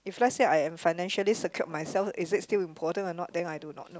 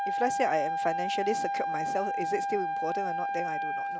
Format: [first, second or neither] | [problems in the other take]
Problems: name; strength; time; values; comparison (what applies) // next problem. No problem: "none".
first | background sound (Wind instrument, woodwind instrument); 2 dB above the speech